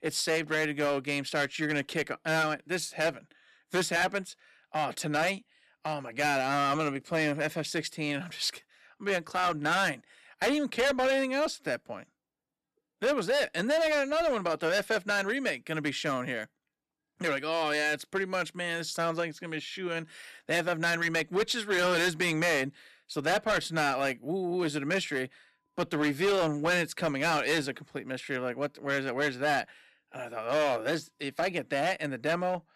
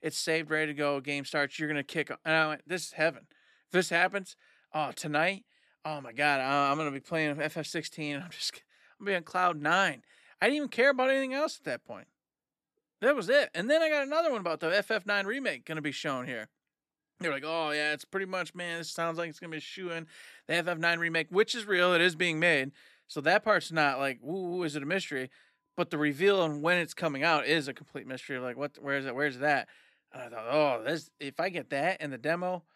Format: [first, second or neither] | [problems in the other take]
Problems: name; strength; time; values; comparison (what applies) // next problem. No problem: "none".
second | distortion; heavy; 9% of the sound clipped